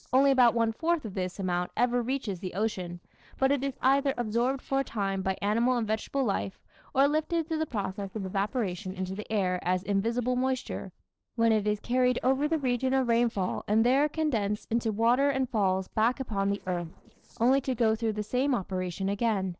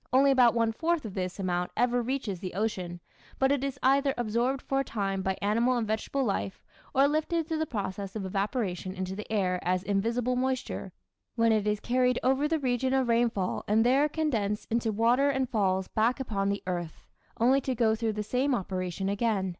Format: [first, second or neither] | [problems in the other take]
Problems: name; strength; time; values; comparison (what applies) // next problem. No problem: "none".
second | noise reduction (neural separator model SepFormer DNS4)